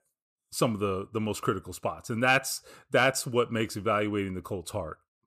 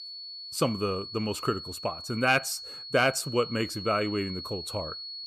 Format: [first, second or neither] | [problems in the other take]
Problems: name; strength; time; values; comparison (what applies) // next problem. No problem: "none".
first | high-pitched whine; loud; throughout; 4.5 kHz, 9 dB below the speech